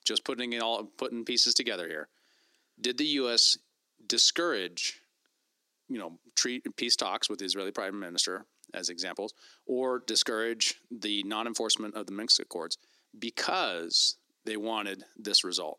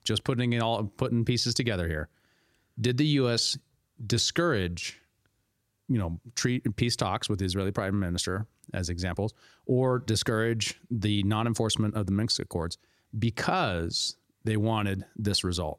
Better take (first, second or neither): second